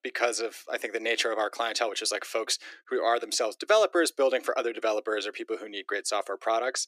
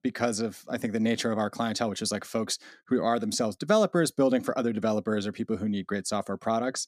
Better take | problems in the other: second | thin; very; fading below 350 Hz

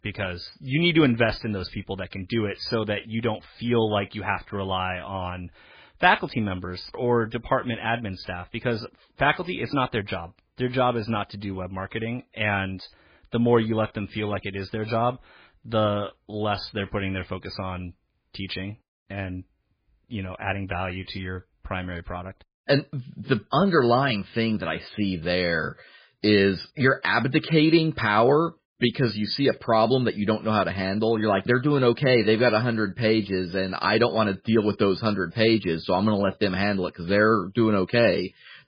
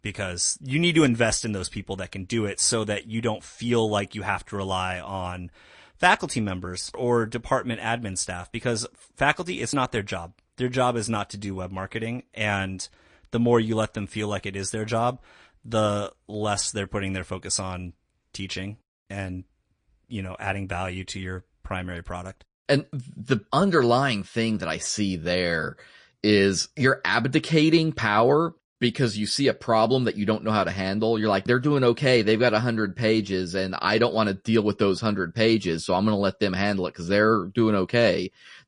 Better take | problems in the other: second | garbled, watery; badly; nothing above 4.5 kHz; slightly in the second

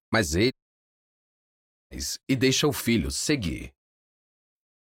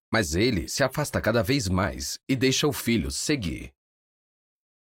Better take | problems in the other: second | audio cutting out; at 0.5 s for 1.5 s

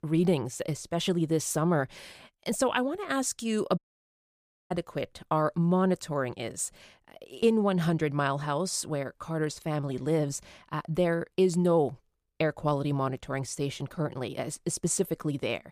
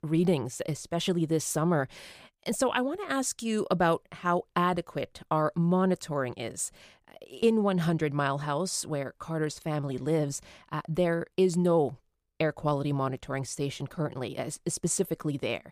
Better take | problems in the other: second | audio cutting out; at 4 s for 1 s

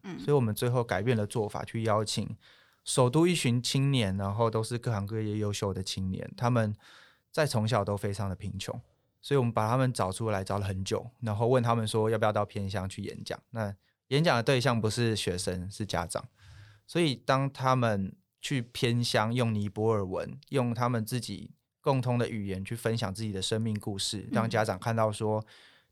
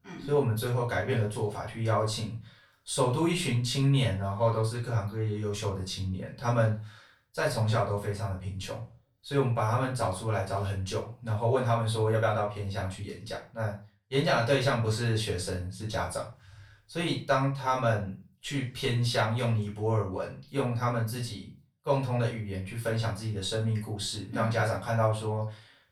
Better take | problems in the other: first | off-mic speech; far // room echo; slight; dies away in 0.3 s

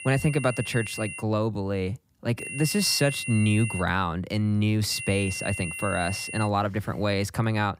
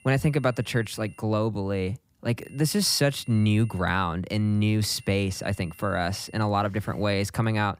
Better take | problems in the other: second | high-pitched whine; loud; until 1 s, from 2.5 to 4 s and from 5 to 6.5 s; 2.5 kHz, 8 dB below the speech; faint in the second

